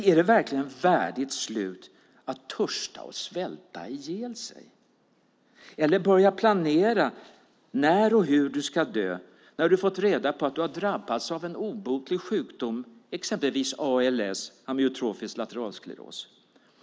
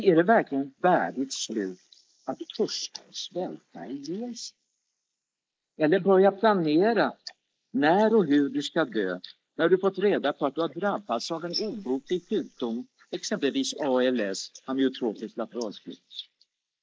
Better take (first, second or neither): first